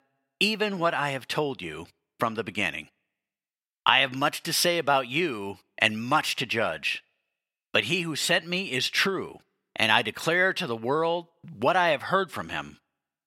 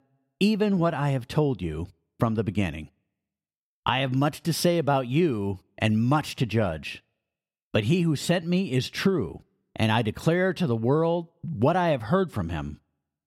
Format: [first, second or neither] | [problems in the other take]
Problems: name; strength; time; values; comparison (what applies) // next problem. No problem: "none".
second | thin; somewhat; fading below 1 kHz